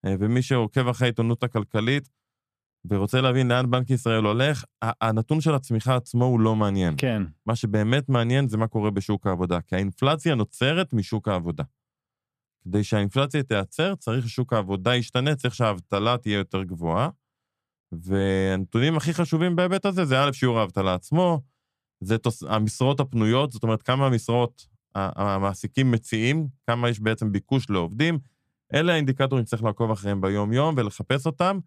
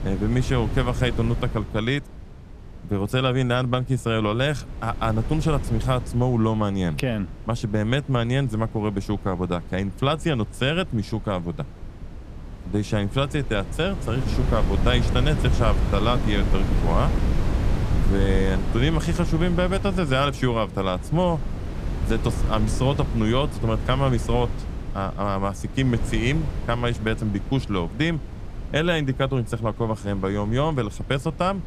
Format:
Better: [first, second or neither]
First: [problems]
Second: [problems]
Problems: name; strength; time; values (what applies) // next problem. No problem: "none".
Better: first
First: none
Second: wind noise on the microphone; occasional gusts; 10 dB below the speech